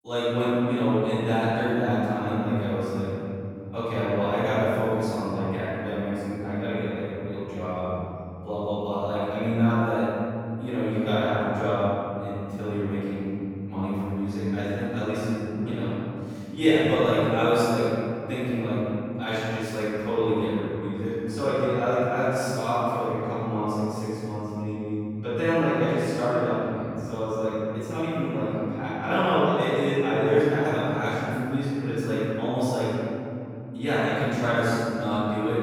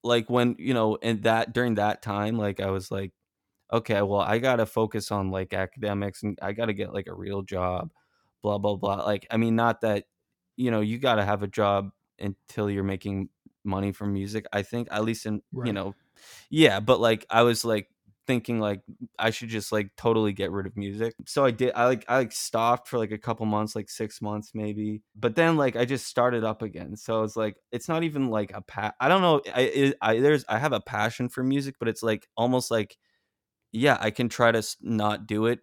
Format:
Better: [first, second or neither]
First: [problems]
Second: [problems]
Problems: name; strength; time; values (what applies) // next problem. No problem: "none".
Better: second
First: off-mic speech; far // room echo; strong; dies away in 3 s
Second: none